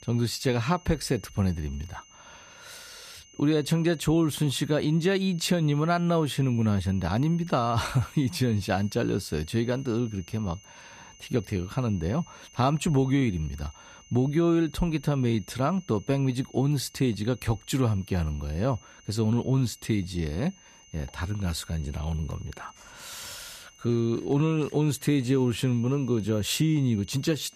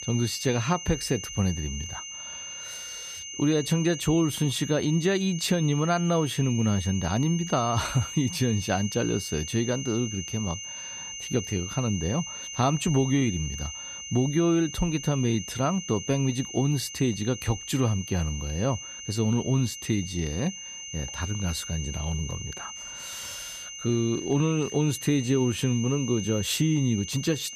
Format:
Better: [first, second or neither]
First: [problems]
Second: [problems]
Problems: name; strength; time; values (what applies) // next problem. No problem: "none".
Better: first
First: high-pitched whine; faint; throughout; 3 kHz, 25 dB below the speech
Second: high-pitched whine; loud; throughout; 3 kHz, 9 dB below the speech